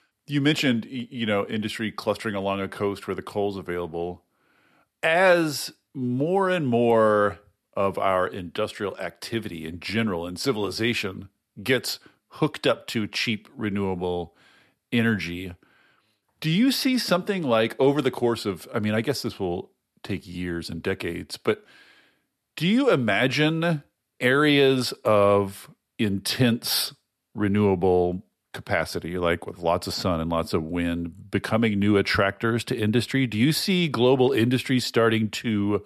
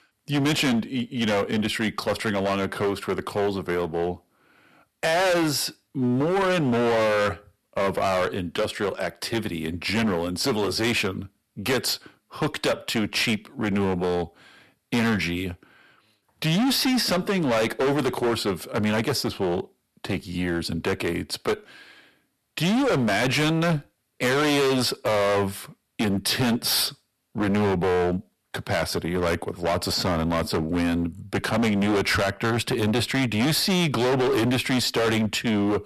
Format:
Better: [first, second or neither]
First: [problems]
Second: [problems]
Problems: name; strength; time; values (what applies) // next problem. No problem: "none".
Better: first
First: none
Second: distortion; heavy; 20% of the sound clipped